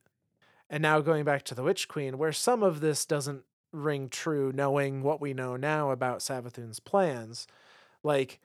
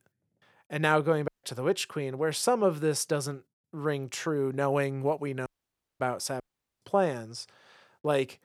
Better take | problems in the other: first | audio cutting out; at 1.5 s, at 5.5 s for 0.5 s and at 6.5 s

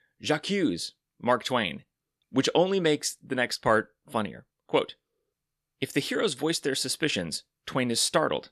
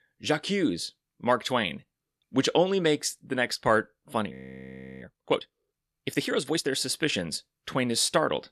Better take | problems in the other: first | audio freezing; at 4.5 s for 0.5 s

